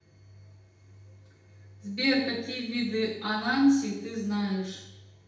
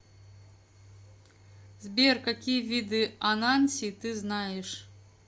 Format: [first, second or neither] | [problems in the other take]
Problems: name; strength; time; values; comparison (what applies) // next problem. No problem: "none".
second | room echo; dies away in 0.8 s